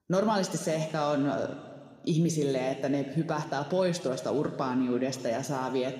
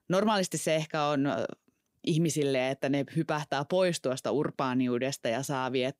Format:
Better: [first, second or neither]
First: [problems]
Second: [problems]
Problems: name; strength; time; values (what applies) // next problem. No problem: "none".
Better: second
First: room echo; slight; dies away in 1.7 s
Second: none